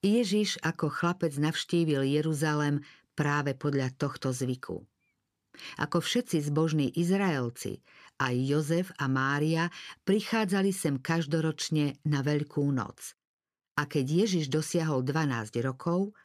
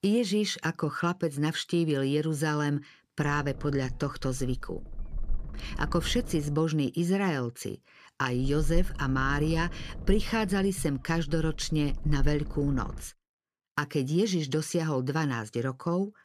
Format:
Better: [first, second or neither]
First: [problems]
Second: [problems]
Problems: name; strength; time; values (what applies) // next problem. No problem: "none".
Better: first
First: none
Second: low rumble; faint; from 3.5 to 6.5 s and from 8.5 to 13 s; 20 dB below the speech